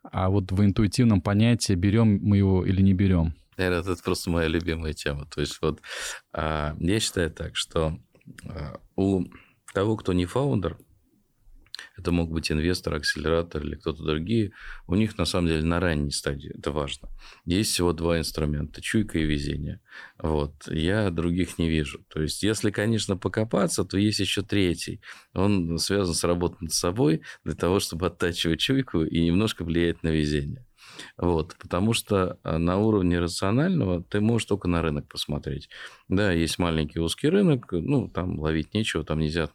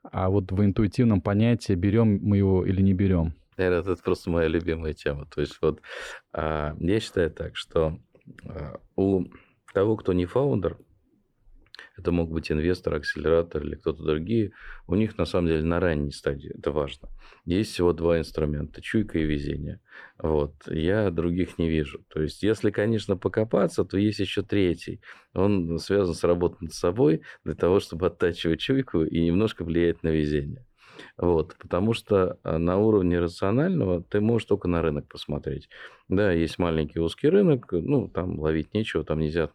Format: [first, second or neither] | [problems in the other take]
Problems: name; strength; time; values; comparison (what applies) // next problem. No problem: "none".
first | muffled; slightly; fading above 4 kHz